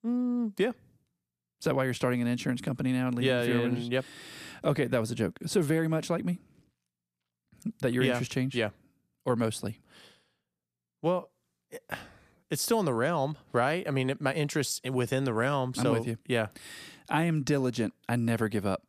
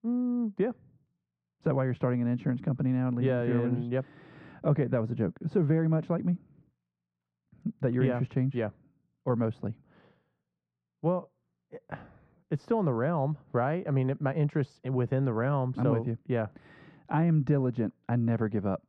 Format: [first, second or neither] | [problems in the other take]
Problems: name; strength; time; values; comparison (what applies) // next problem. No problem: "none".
first | muffled; very; fading above 1.5 kHz